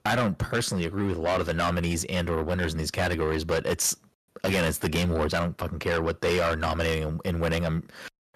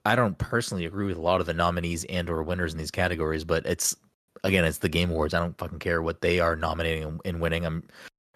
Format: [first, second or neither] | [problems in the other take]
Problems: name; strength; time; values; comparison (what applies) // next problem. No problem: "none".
second | distortion; heavy; 7 dB below the speech